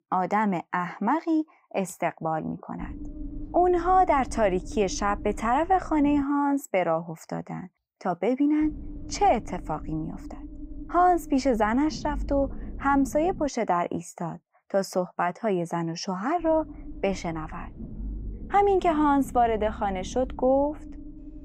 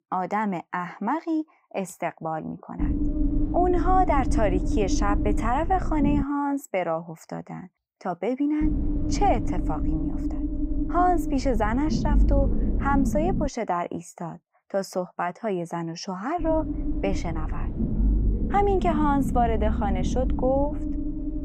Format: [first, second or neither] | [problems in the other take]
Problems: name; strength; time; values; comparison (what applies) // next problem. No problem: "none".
first | low rumble; loud; from 3 to 6 s, from 8.5 to 13 s and from 16 s on; 9 dB below the speech; faint in the first